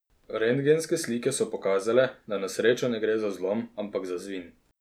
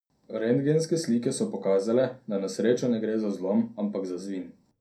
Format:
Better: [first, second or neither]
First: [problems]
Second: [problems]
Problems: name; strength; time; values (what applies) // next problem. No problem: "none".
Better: first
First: none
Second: room echo; dies away in 0.2 s